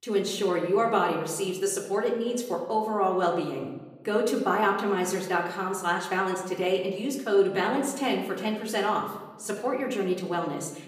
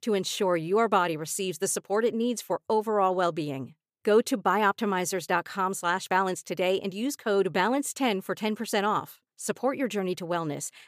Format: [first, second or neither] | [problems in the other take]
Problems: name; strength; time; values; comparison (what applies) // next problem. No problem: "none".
second | room echo; slight; dies away in 0.9 s // off-mic speech; far